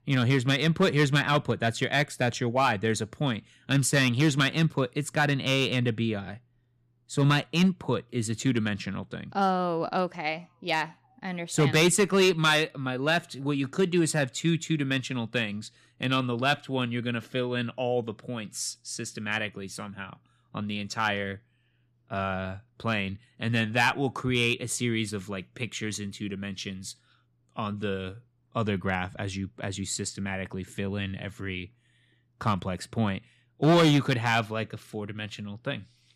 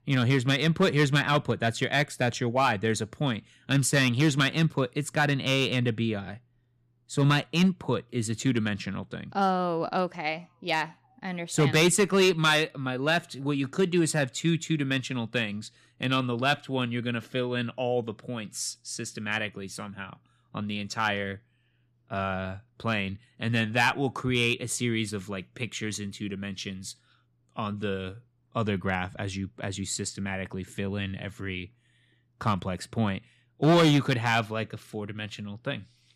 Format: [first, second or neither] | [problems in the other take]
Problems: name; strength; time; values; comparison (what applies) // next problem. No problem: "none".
neither | distortion; slight; 1.5% of the sound clipped; the same in both